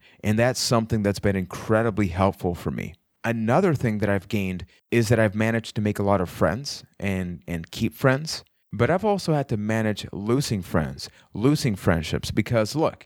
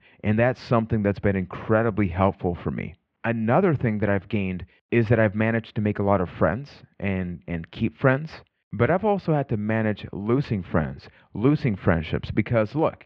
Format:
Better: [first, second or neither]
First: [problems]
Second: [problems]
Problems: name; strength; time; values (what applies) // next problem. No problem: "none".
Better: first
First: none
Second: muffled; very; fading above 3 kHz